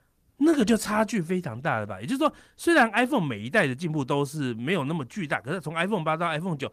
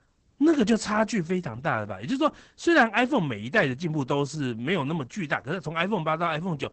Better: first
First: garbled, watery; slightly; nothing above 14.5 kHz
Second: garbled, watery; badly; nothing above 8 kHz

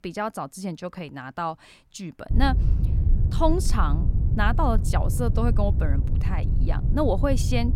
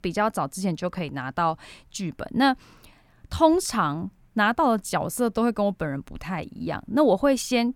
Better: second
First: wind noise on the microphone; occasional gusts; from 2.5 s on; 10 dB below the speech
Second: none

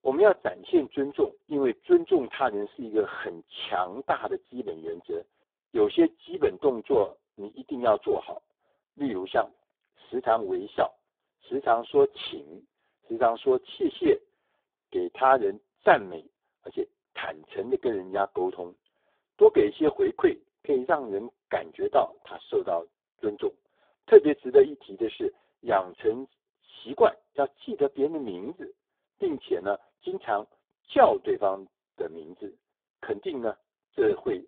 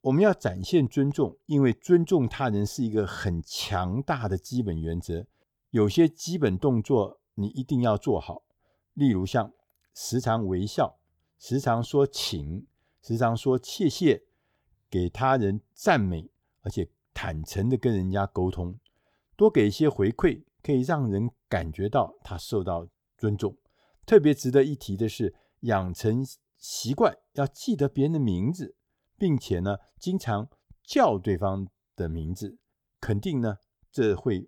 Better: second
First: phone-call audio; poor line; nothing above 3.5 kHz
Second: none

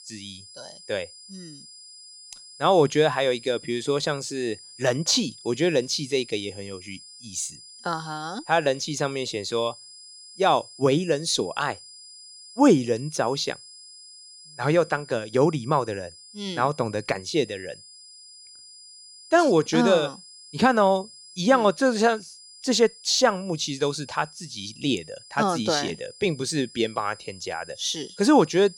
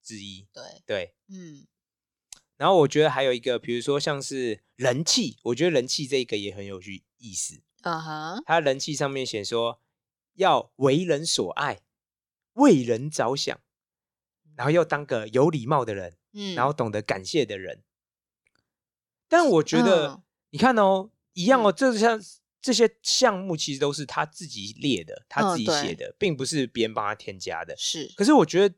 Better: second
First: high-pitched whine; noticeable; throughout; 5 kHz, 20 dB below the speech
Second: none

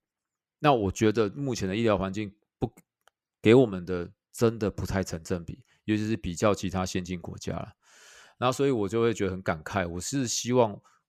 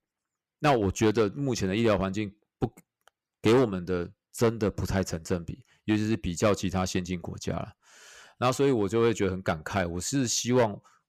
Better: first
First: none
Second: distortion; slight; 3% of the sound clipped

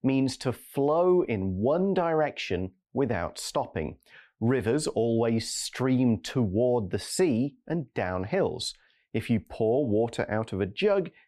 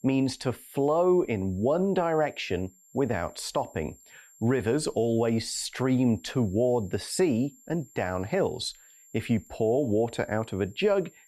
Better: first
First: none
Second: high-pitched whine; faint; throughout; 7.5 kHz, 25 dB below the speech

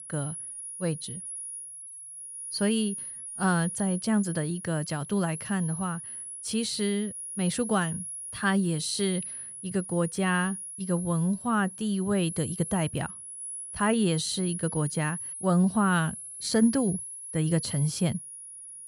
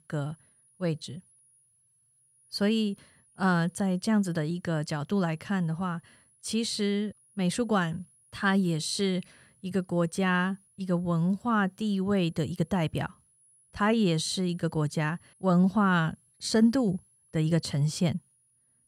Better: second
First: high-pitched whine; loud; throughout; 10.5 kHz, 8 dB below the speech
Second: high-pitched whine; faint; throughout; 10.5 kHz, 35 dB below the speech

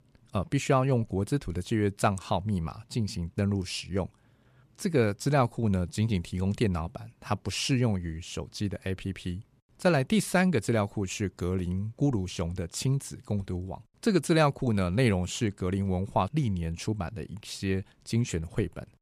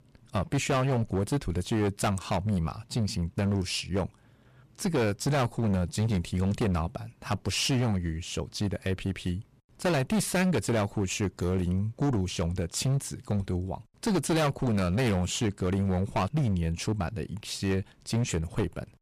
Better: first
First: none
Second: distortion; heavy; 13% of the sound clipped

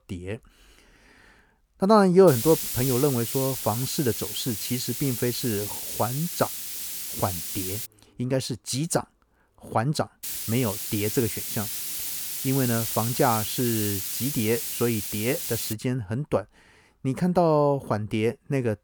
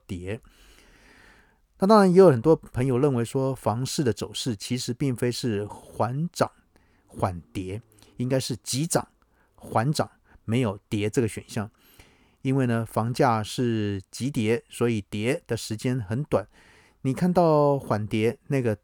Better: second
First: hiss; loud; from 2.5 to 8 s and from 10 to 16 s; 3 dB below the speech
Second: none

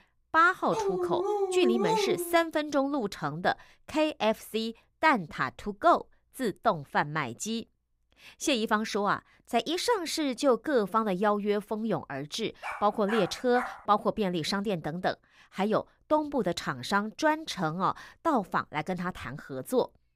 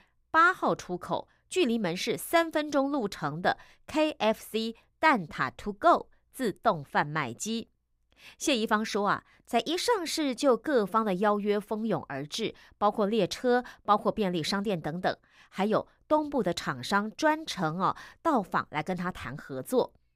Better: second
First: dog barking; loud; from 0.5 to 2.5 s; peak 2 dB above the speech // dog barking; noticeable; from 13 to 14 s; peak 7 dB below the speech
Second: none

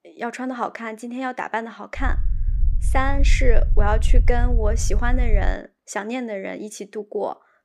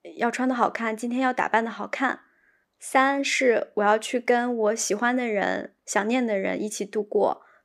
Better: second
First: low rumble; noticeable; from 2 to 5.5 s; 20 dB below the speech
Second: none

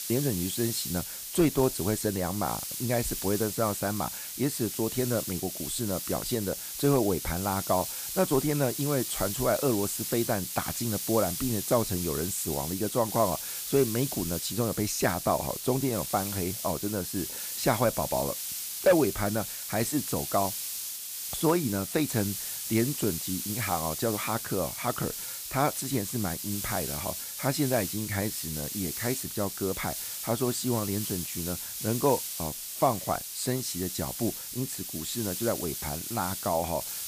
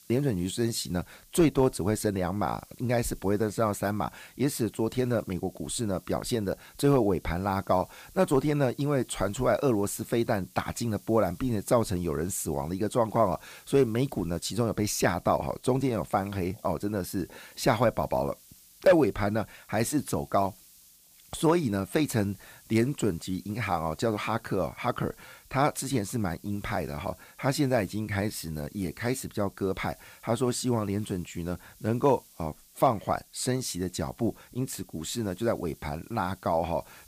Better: second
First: hiss; loud; throughout; 3 dB below the speech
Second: hiss; faint; throughout; 25 dB below the speech

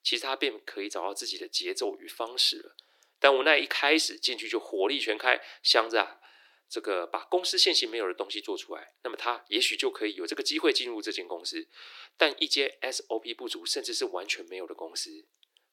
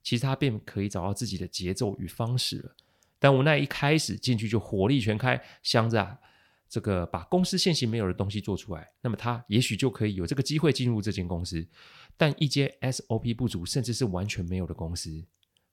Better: second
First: thin; very; fading below 300 Hz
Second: none

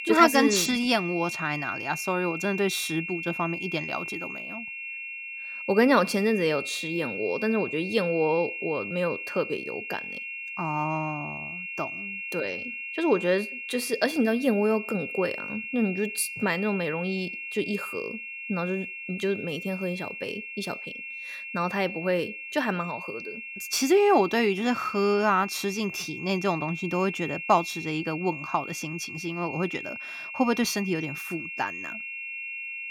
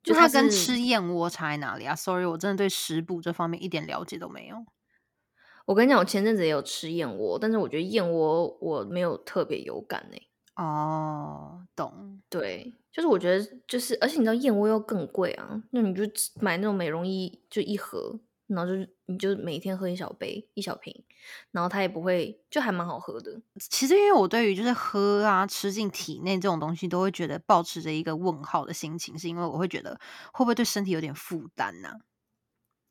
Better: second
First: high-pitched whine; loud; throughout; 2.5 kHz, 7 dB below the speech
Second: none

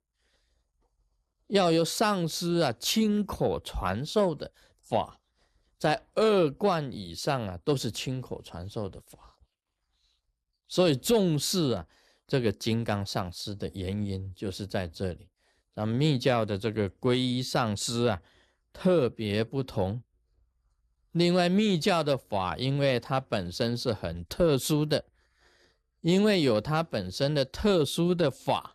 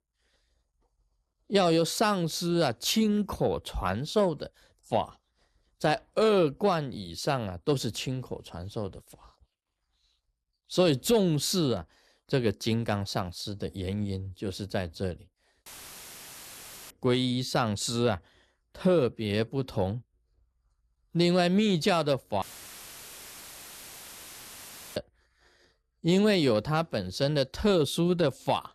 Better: first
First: none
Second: audio cutting out; filled with static; at 16 s for 1.5 s and at 22 s for 2.5 s

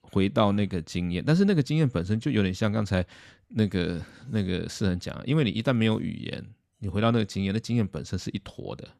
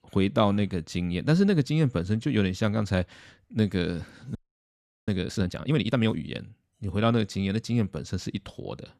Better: first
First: none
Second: audio freezing; at 4.5 s for 0.5 s

